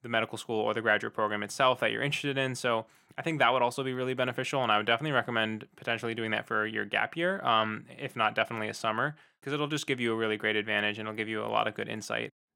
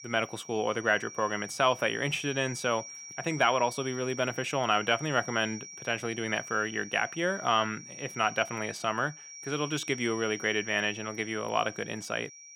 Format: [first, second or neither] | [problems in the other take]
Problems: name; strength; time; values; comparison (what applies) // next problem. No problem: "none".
first | high-pitched whine; noticeable; throughout; 5.5 kHz, 10 dB below the speech